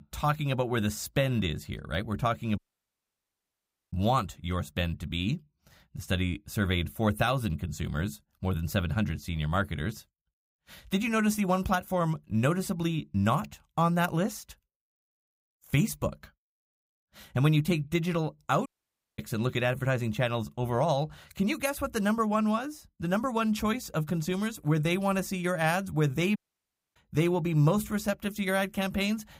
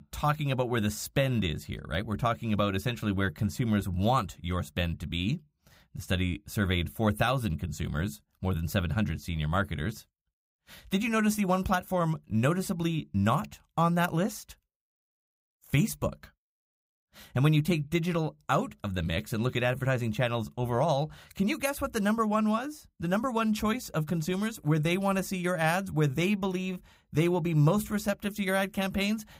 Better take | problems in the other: second | audio cutting out; at 2.5 s for 1.5 s, at 19 s for 0.5 s and at 26 s for 0.5 s

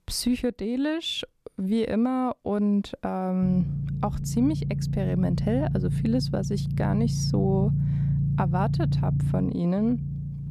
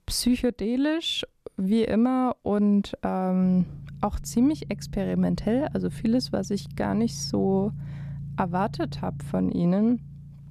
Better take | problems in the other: second | low rumble; loud; from 3.5 s on; 7 dB below the speech; faint in the second

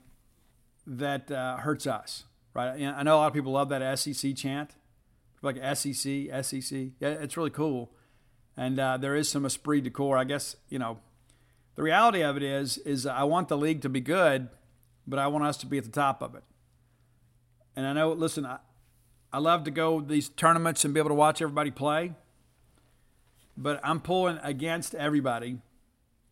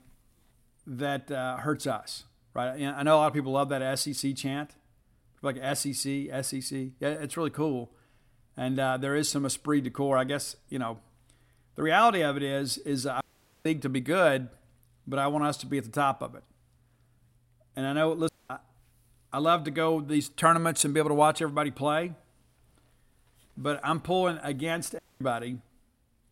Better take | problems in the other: first | audio cutting out; at 13 s, at 18 s and at 25 s

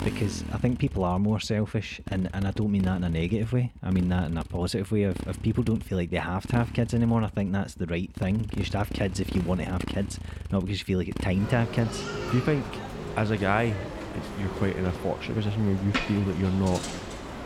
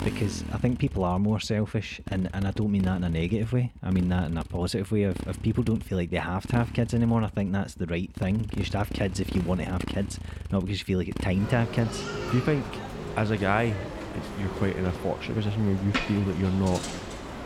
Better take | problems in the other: neither | traffic noise; loud; throughout; 9 dB below the speech; the same in both

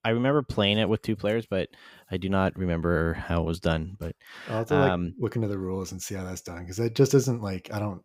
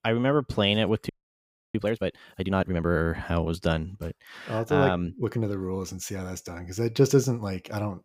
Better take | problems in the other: first | audio freezing; at 1 s for 0.5 s

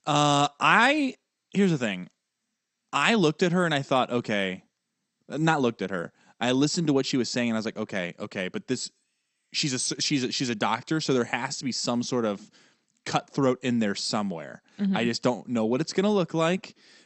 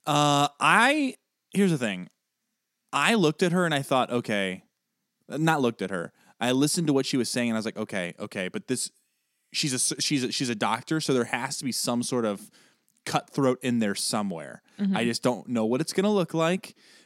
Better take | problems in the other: second | garbled, watery; slightly; nothing above 8.5 kHz

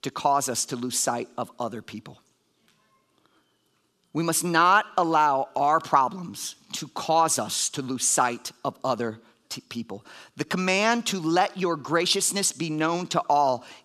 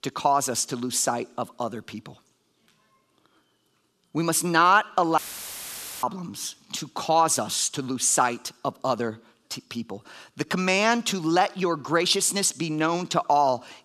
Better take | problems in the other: first | audio cutting out; filled with static; at 5 s for 1 s

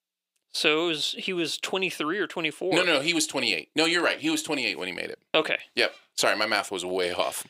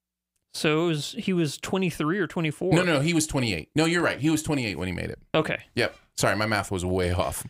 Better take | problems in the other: second | thin; somewhat; fading below 400 Hz

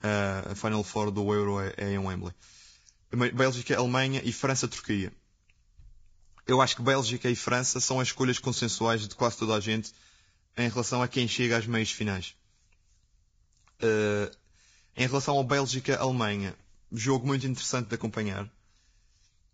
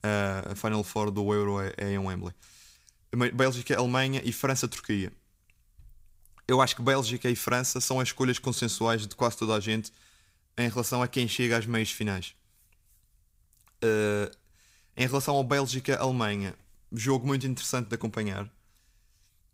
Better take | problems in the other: second | garbled, watery; badly; nothing above 7.5 kHz

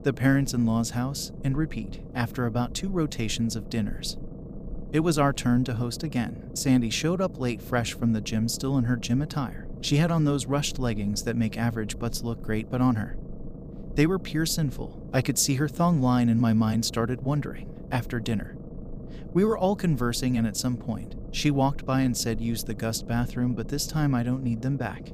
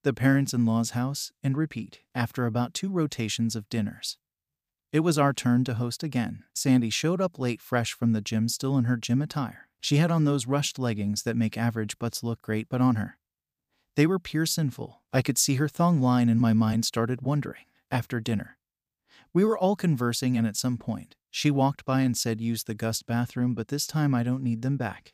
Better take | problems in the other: second | low rumble; noticeable; throughout; 15 dB below the speech

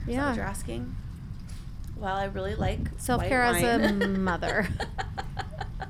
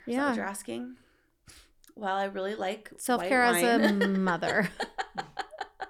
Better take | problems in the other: second | wind noise on the microphone; occasional gusts; 20 dB below the speech

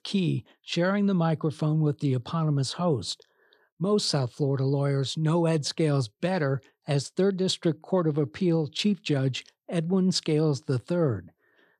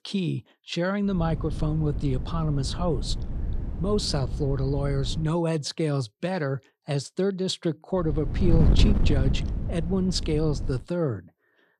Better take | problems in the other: first | wind noise on the microphone; heavy; from 1 to 5.5 s and from 8 to 11 s; 10 dB below the speech

